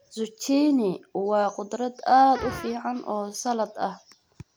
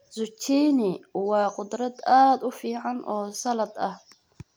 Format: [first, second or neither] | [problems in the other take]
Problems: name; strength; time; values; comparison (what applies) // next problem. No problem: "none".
second | background sound (Fart); 18 dB below the speech